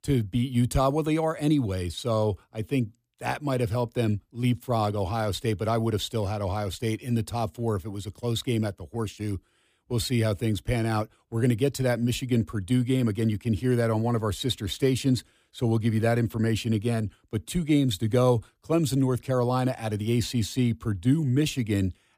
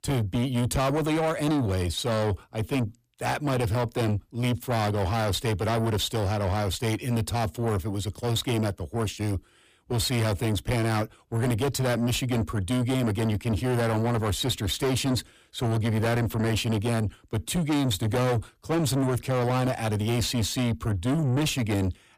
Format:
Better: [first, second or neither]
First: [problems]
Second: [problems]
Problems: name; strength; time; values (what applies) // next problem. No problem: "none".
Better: first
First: none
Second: distortion; heavy; 7 dB below the speech